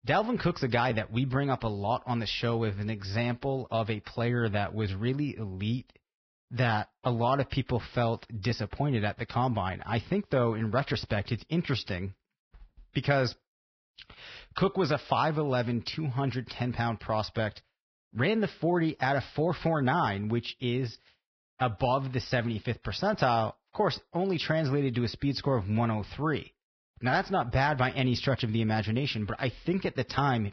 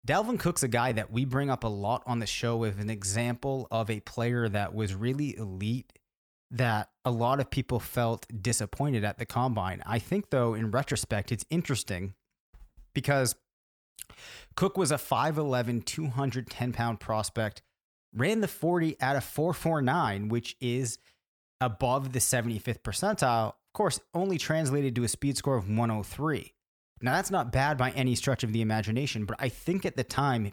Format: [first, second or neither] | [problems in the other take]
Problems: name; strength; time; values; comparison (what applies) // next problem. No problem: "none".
second | garbled, watery; badly; nothing above 5.5 kHz